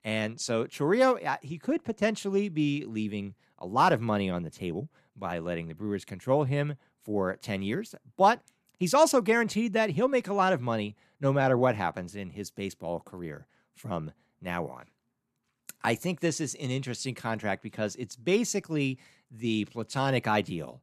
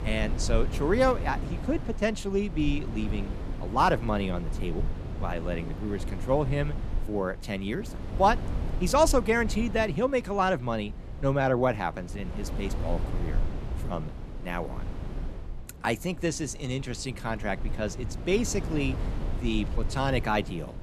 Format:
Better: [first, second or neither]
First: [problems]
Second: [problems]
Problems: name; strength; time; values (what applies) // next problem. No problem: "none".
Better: first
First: none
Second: wind noise on the microphone; occasional gusts; 15 dB below the speech